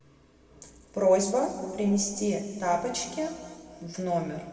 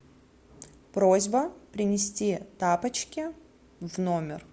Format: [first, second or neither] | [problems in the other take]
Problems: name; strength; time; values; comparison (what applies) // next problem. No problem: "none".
second | room echo; dies away in 1.8 s